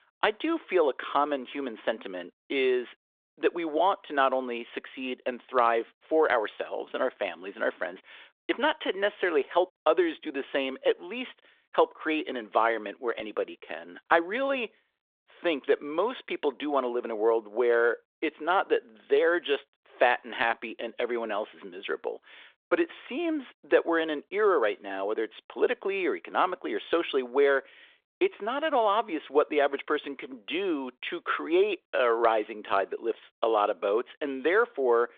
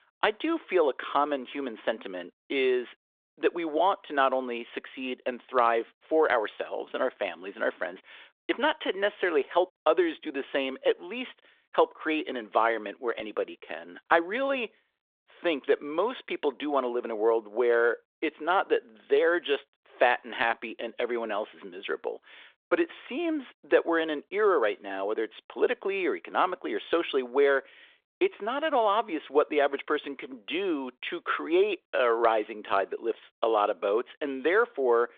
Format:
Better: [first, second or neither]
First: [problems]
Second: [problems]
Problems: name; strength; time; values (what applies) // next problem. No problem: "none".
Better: neither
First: phone-call audio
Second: phone-call audio